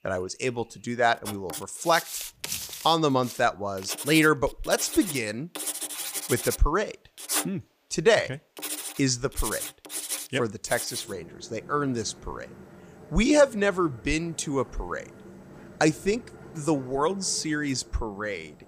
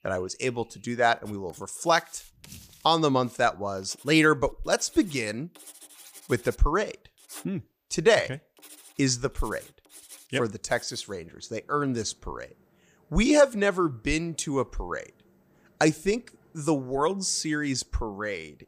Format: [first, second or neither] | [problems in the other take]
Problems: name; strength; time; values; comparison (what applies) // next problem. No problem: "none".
second | household noises; loud; throughout; 7 dB below the speech; faint in the second